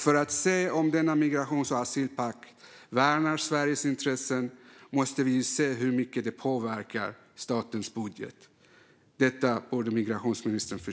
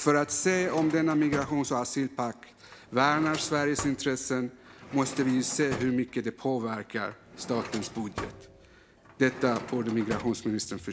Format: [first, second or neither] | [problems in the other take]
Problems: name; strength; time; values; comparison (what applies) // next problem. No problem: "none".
first | background sound (Drawer open or close); 14 dB below the speech